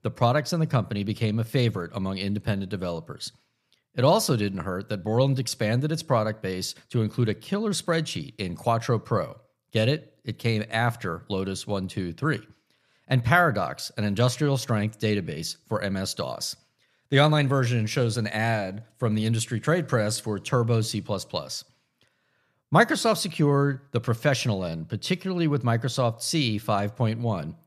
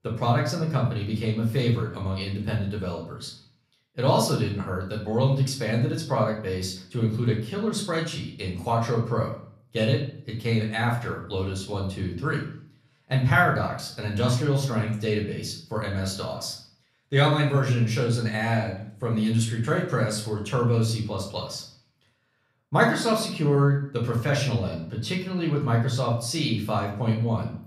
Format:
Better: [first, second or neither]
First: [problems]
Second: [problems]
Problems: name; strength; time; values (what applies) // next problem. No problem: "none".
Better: first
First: none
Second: room echo; slight; dies away in 0.5 s // off-mic speech; far